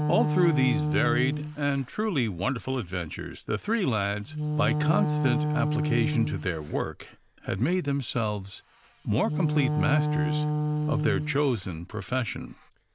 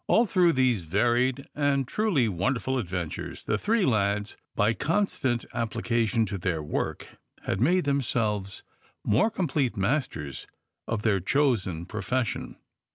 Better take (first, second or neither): second